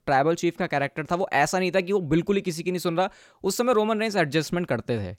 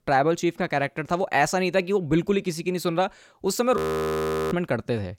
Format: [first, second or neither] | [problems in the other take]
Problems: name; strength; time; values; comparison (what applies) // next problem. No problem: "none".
first | audio freezing; at 4 s for 0.5 s